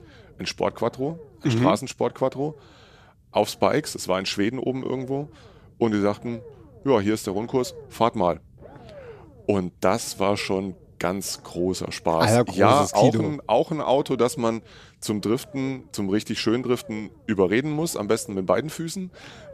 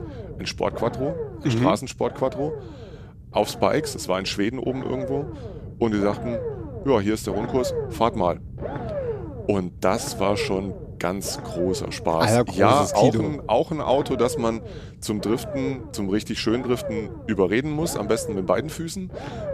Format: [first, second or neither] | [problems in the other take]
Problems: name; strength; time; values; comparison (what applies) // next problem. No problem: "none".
first | low rumble; loud; throughout; 10 dB below the speech; faint in the first